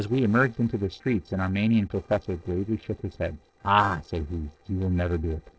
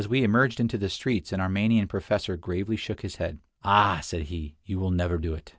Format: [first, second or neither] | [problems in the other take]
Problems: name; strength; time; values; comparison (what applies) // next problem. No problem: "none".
second | noise reduction (neural separator model SepFormer DNS4)